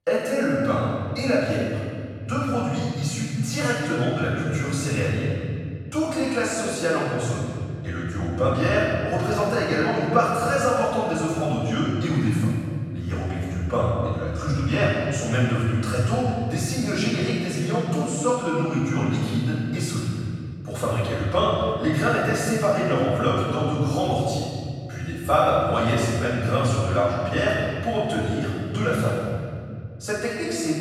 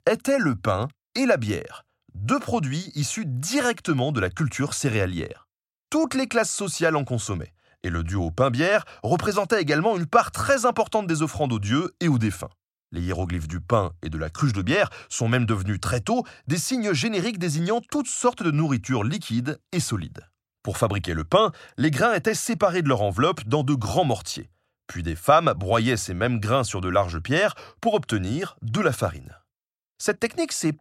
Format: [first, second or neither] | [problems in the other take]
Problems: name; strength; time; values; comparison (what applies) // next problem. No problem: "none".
second | off-mic speech; far // room echo; strong; dies away in 2.3 s